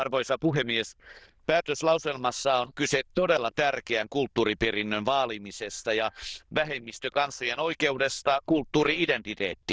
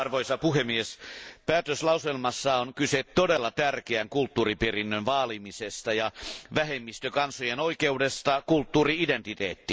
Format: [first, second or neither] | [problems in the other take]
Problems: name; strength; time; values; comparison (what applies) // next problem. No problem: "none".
second | noise reduction (neural diffusion model UNIVERSE++)